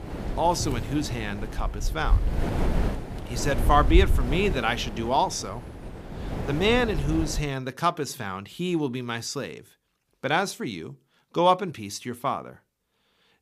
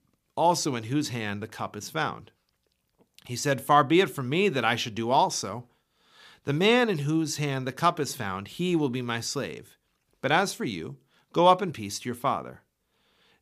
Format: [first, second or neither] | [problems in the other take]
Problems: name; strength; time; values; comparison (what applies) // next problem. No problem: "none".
second | wind noise on the microphone; occasional gusts; until 7.5 s; 10 dB below the speech